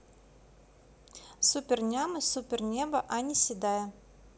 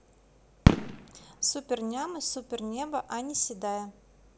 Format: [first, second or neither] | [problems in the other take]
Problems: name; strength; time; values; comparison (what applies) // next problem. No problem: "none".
first | background sound (Fireworks); 3 dB above the speech